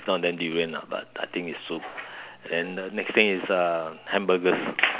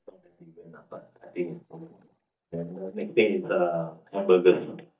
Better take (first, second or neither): first